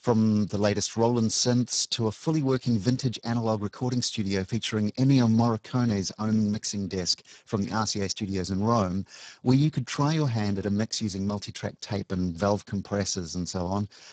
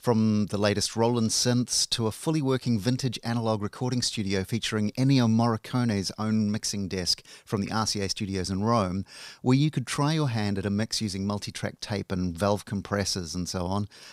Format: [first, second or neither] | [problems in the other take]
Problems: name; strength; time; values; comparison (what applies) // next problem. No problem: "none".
second | garbled, watery; badly; nothing above 7.5 kHz